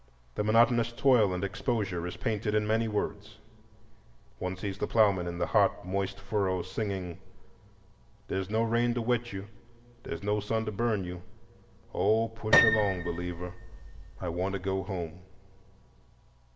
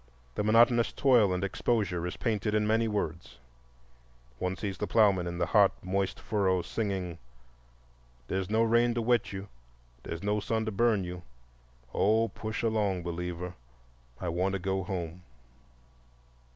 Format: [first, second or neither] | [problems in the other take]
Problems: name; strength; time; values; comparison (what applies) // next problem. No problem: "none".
second | background sound (Piano); 1 dB below the speech // room echo; dies away in 1.2 s